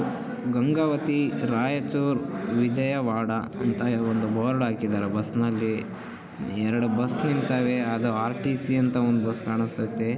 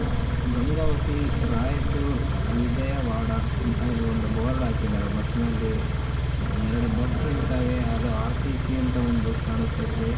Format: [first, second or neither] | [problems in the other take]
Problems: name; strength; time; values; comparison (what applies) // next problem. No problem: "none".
first | background sound (Idling / Car); 4 dB above the speech // room echo; dies away in 0.2 s